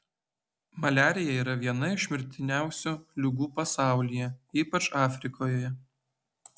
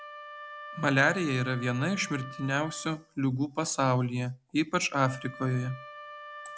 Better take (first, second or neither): first